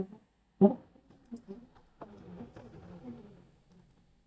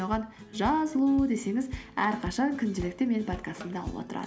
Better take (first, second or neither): second